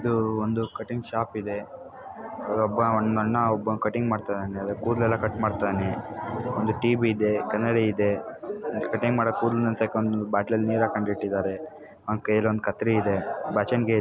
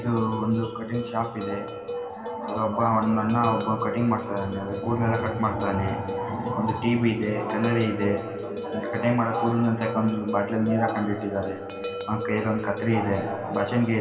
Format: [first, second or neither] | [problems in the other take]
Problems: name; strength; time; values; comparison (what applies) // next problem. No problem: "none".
first | background sound (Bell); 10 dB below the speech // room echo; dies away in 2.4 s